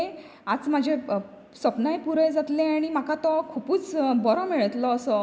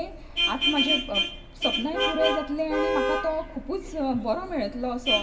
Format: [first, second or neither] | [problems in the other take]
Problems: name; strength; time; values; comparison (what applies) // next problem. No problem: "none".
first | background sound (Vehicle horn, car horn, honking); 1 dB above the speech // room echo; dies away in 0.2 s